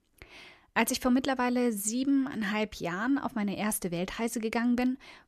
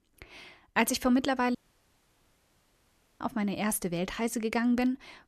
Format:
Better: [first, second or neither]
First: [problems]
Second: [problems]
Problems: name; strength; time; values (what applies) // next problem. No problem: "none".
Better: first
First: none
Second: audio cutting out; at 1.5 s for 1.5 s